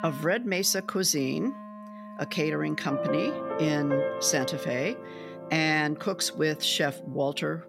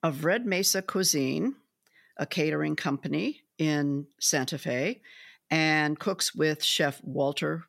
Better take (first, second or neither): second